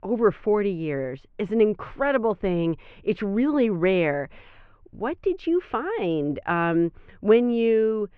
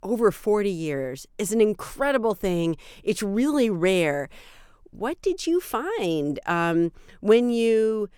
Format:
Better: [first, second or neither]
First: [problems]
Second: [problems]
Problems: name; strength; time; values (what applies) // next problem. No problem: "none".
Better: second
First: muffled; very; fading above 3 kHz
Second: none